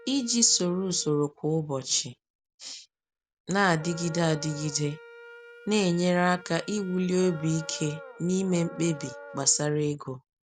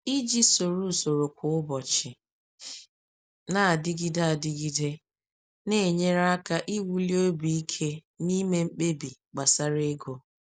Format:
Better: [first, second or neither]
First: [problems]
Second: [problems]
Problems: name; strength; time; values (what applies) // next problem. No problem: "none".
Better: second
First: background sound (Dog + Wind instrument, woodwind instrument); 19 dB below the speech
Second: none